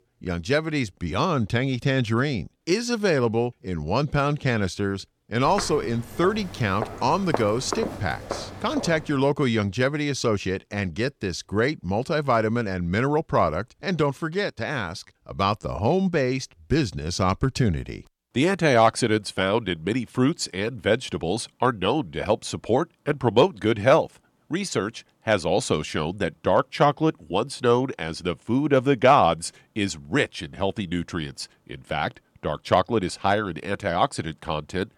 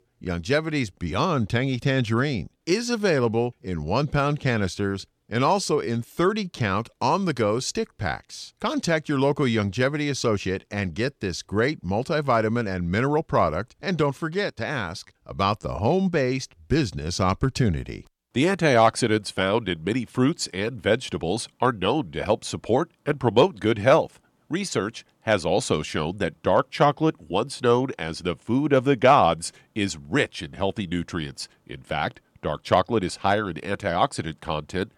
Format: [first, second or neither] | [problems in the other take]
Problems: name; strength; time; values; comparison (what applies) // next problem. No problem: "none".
second | footsteps; noticeable; from 5.5 to 9 s; peak 6 dB below the speech